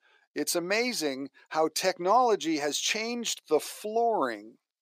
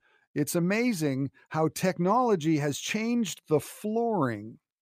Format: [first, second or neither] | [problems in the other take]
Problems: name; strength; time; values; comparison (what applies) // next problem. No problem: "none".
second | thin; somewhat; fading below 350 Hz